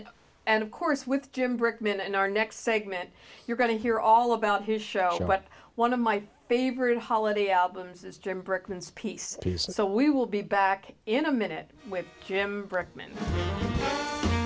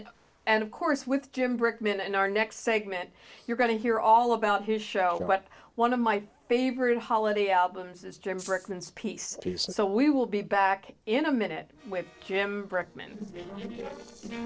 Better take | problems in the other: first | noise reduction (neural separator model SepFormer DNS4)

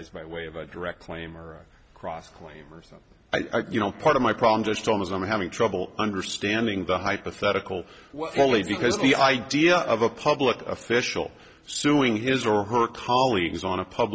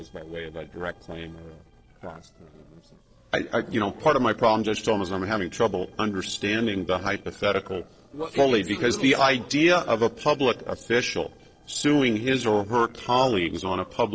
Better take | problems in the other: first | noise reduction (neural separator model SepFormer DNS4)

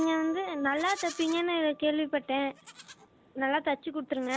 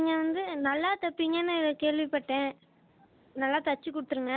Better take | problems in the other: second | background sound (Marimba, xylophone + Livestock, farm animals, working animals); 18 dB below the speech

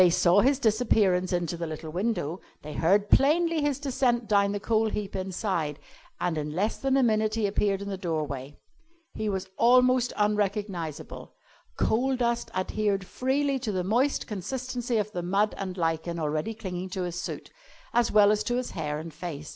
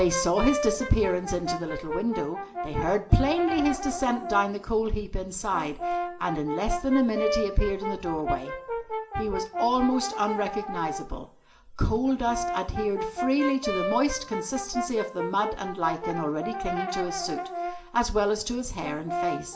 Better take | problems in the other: first | background sound (Brass instrument); 5 dB below the speech // room echo; dies away in 0.4 s

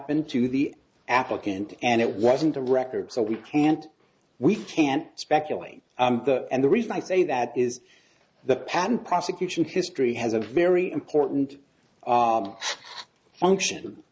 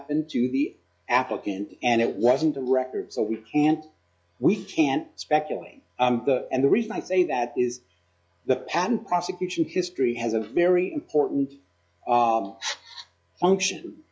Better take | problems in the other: first | noise reduction (classical method log-MMSE)

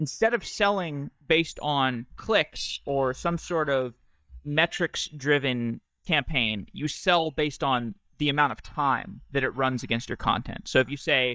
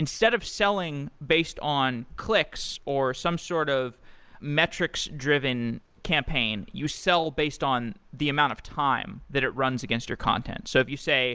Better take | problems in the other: second | noise reduction (neural mask model DeepFilterNet 3)

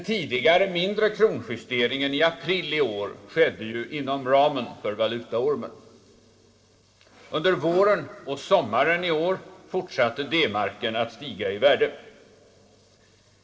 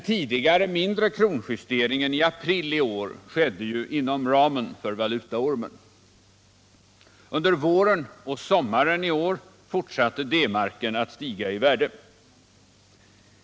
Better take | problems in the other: second | noise reduction (neural separator model SepFormer DNS4)

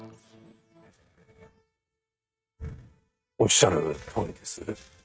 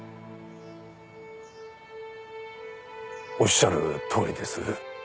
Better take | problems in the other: second | noise reduction (neural mask model RNNoise)

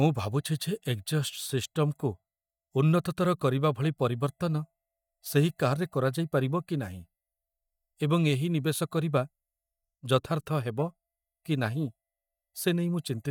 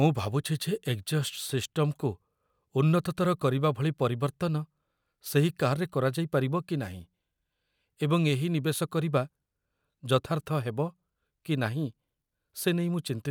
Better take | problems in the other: second | noise reduction (neural mask model DeepFilterNet 3)

